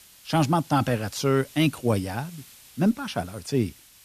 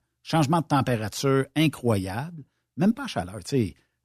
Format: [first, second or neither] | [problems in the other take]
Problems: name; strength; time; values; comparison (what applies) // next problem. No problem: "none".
second | hiss; faint; throughout; 20 dB below the speech